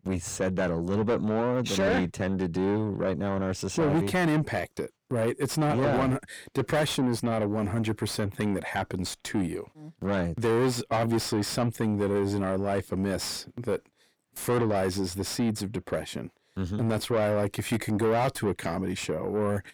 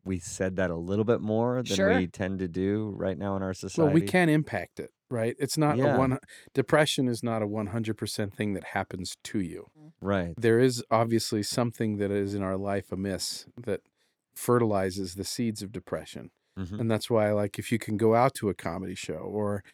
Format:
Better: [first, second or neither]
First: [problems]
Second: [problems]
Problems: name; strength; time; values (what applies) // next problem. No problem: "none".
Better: second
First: distortion; heavy; 7 dB below the speech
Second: none